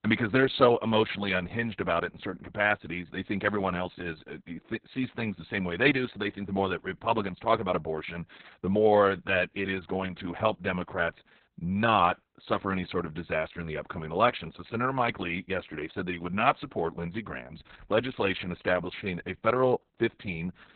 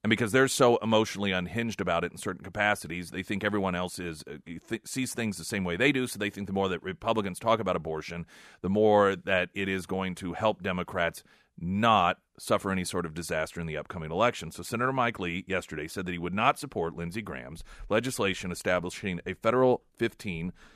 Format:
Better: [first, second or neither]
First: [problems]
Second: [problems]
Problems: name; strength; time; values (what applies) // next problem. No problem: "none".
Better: second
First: garbled, watery; badly; nothing above 4 kHz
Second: none